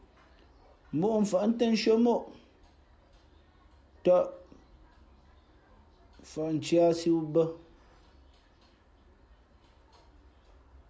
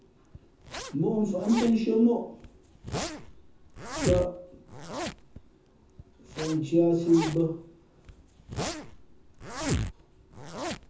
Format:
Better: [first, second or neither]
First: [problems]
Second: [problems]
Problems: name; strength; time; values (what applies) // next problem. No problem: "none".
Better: first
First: none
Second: background sound (Zipper (clothing)); 8 dB below the speech // room echo; dies away in 0.6 s